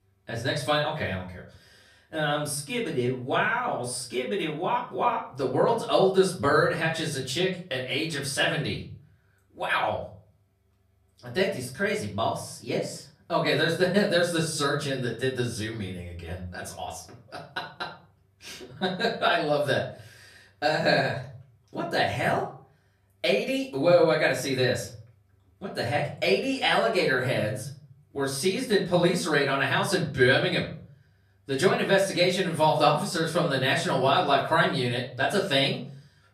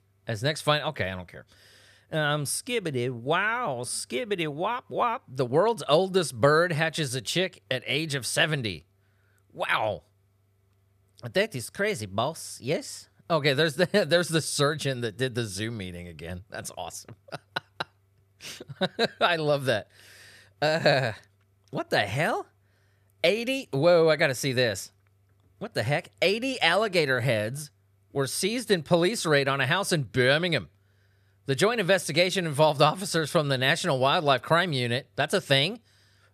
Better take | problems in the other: second | room echo; slight; dies away in 0.4 s // off-mic speech; far

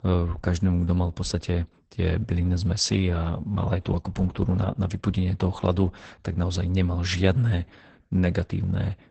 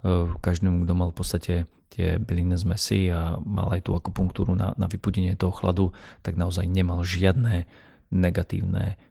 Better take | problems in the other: second | garbled, watery; badly; nothing above 8 kHz; slightly in the second

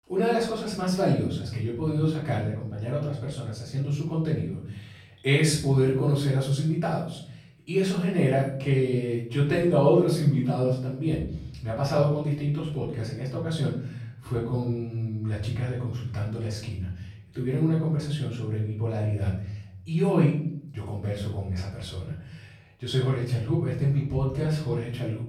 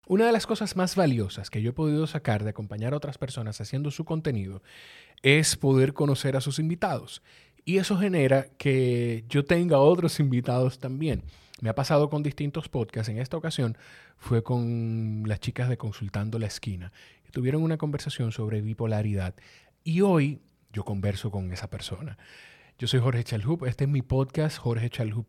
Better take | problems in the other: second | off-mic speech; far // room echo; noticeable; dies away in 0.8 s

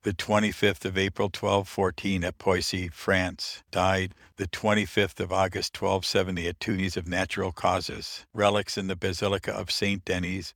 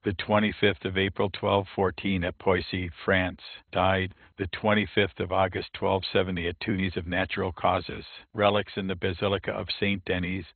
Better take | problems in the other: first | garbled, watery; badly; nothing above 4 kHz

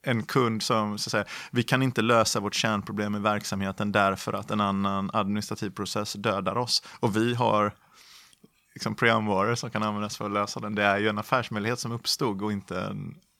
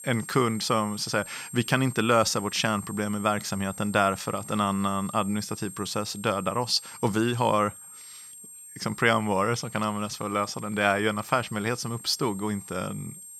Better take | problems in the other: first | high-pitched whine; noticeable; throughout; 8.5 kHz, 15 dB below the speech

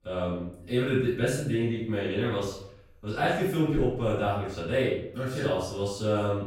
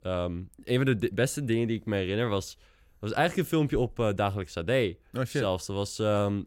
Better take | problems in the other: second | off-mic speech; far // room echo; noticeable; dies away in 0.5 s

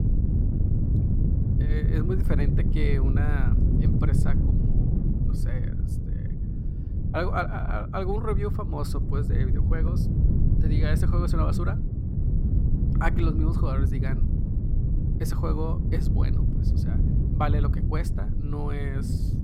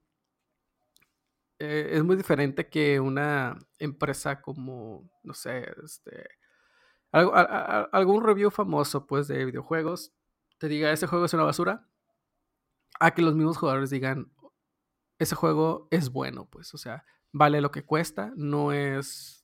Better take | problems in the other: second | wind noise on the microphone; heavy; 4 dB below the speech

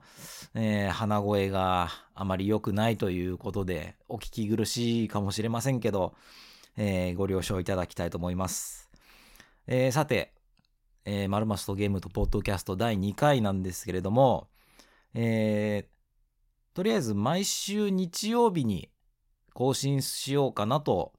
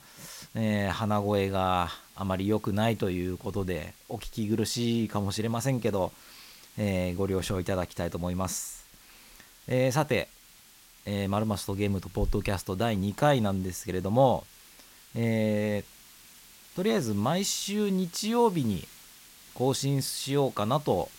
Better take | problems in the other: first | hiss; faint; throughout; 20 dB below the speech

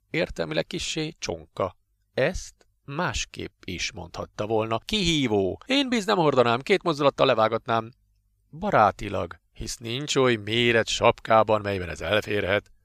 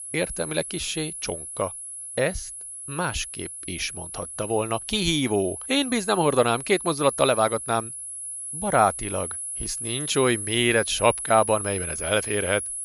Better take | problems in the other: first | high-pitched whine; loud; throughout; 10.5 kHz, 7 dB below the speech

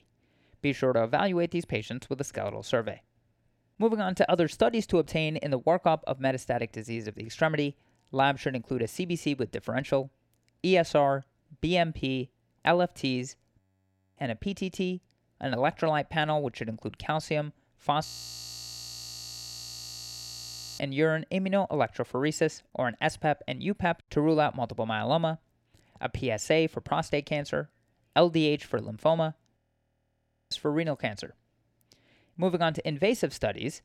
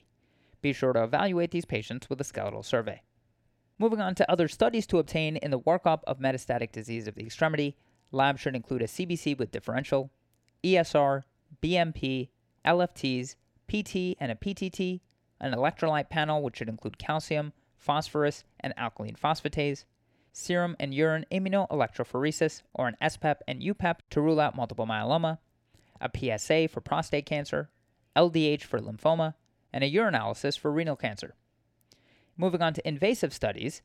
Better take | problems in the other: second | audio freezing; at 14 s for 0.5 s, at 18 s for 2.5 s and at 30 s for 1 s

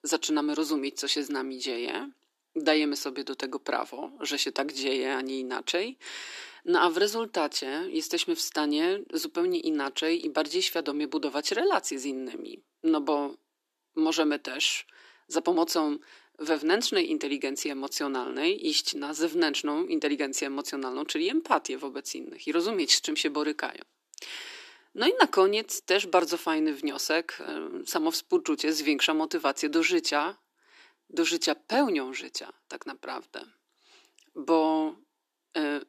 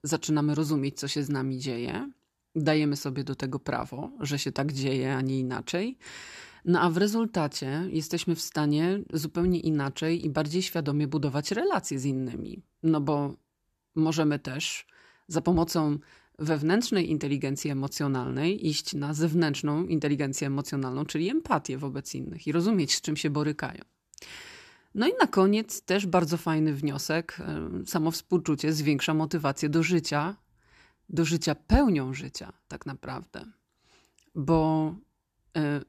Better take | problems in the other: second | thin; somewhat; fading below 300 Hz

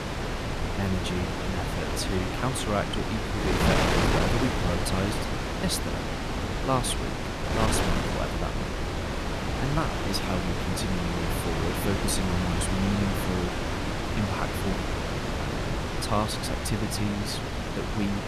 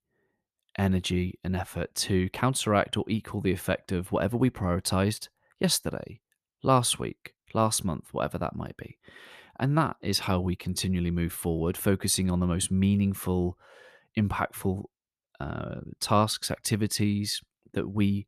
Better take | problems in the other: second | wind noise on the microphone; heavy; 3 dB above the speech

